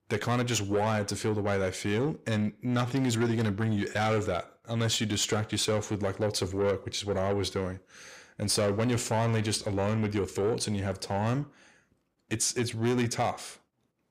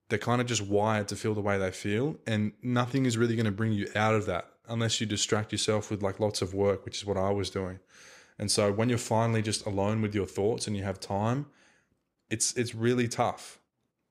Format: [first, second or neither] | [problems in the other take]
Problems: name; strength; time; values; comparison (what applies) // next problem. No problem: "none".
second | distortion; slight; 10 dB below the speech